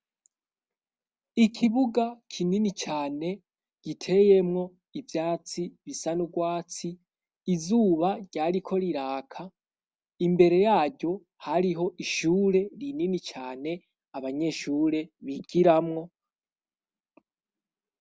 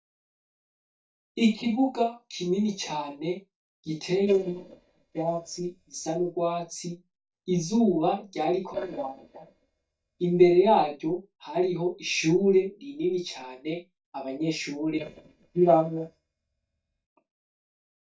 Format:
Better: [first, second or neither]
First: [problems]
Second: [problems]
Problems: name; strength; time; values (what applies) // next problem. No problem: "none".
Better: first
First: none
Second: noise reduction (neural mask model DeepFilterNet 3)